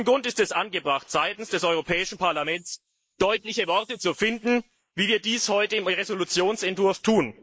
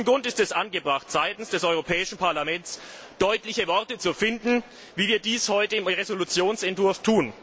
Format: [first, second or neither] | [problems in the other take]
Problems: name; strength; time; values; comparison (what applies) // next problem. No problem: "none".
second | noise reduction (neural mask model Resemble Enhance denoiser)